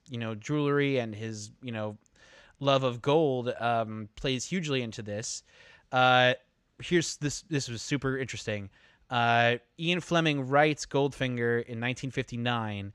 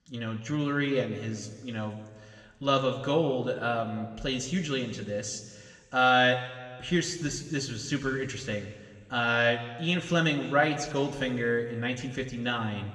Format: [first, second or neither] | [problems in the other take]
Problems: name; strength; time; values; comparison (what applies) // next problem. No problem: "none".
first | room echo; slight; dies away in 1.4 s // off-mic speech; somewhat distant